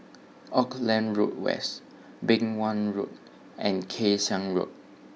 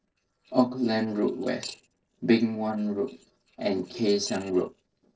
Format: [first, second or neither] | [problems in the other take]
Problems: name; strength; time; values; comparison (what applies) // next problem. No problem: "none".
first | noise reduction (neural separator model SepFormer DNS4)